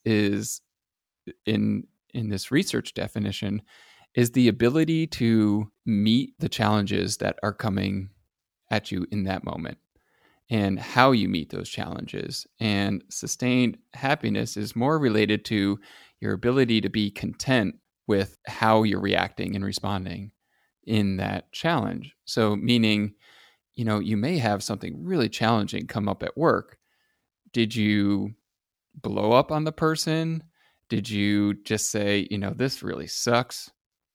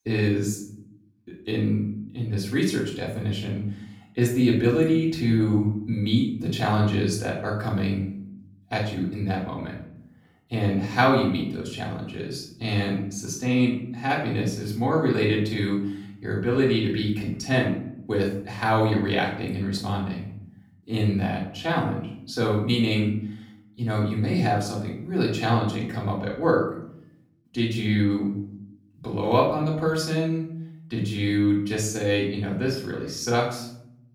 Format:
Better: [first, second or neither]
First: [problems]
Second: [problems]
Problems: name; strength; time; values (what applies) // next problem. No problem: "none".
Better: first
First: none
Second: off-mic speech; far // room echo; noticeable; dies away in 0.6 s